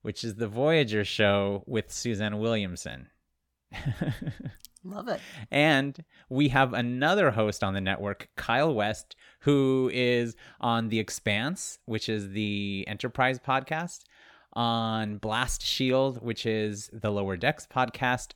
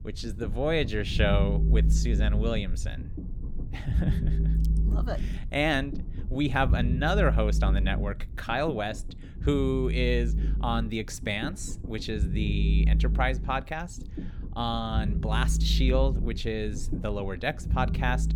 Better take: first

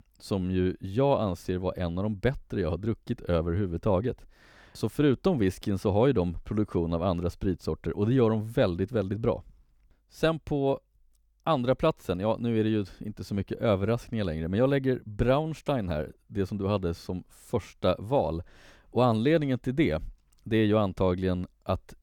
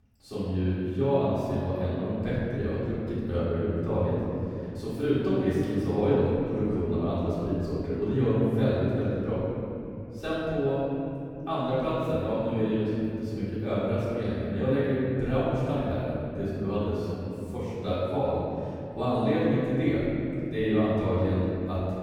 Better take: first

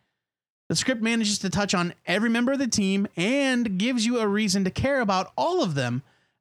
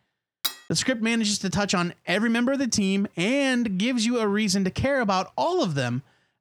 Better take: first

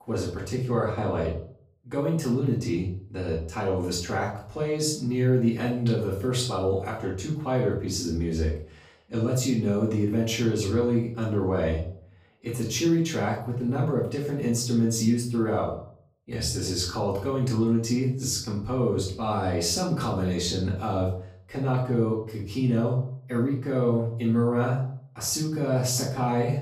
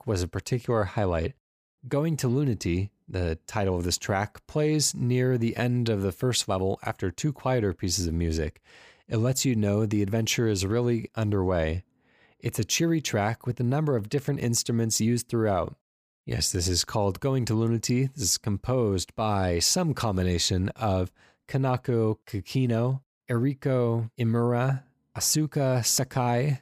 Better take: second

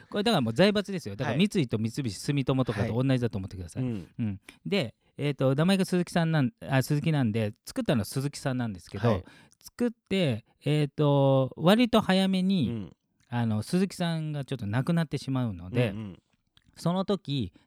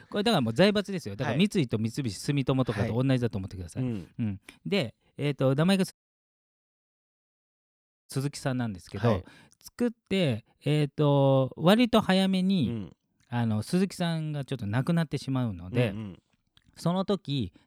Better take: first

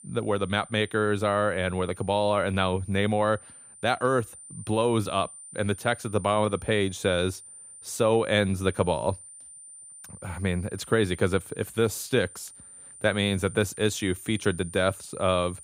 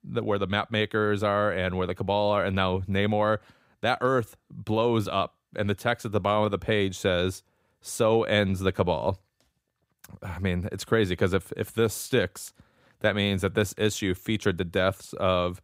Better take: second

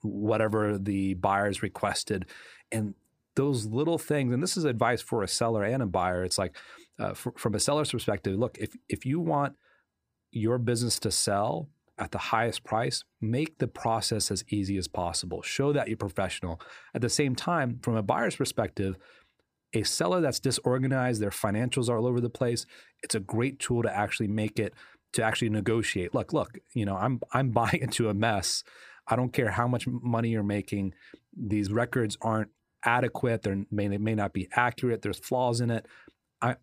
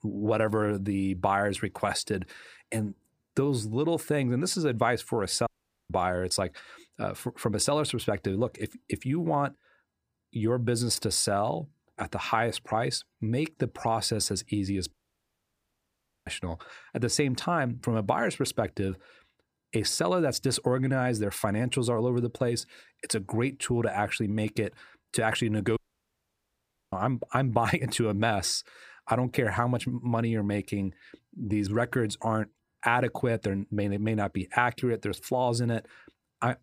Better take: first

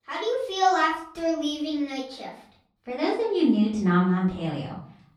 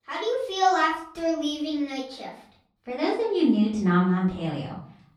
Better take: neither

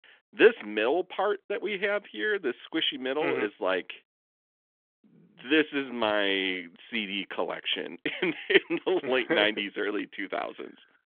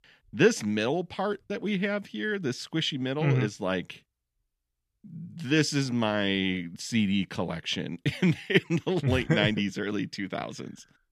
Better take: second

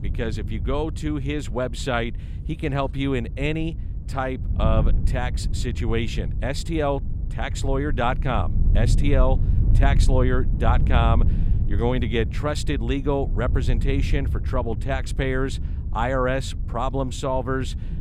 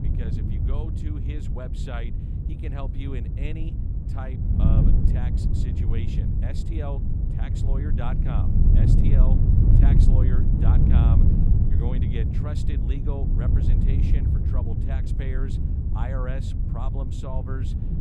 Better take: first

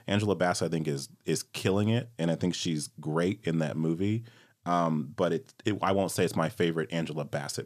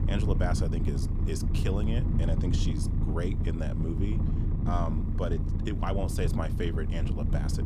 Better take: first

